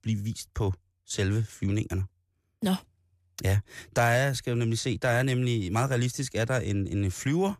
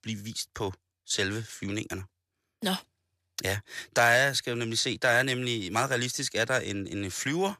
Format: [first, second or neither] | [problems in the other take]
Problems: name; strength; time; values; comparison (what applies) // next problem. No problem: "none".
first | thin; somewhat; fading below 900 Hz